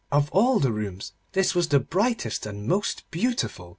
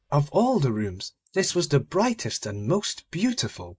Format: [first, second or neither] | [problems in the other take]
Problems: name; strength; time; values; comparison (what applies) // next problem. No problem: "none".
first | noise reduction (neural mask model Resemble Enhance denoiser)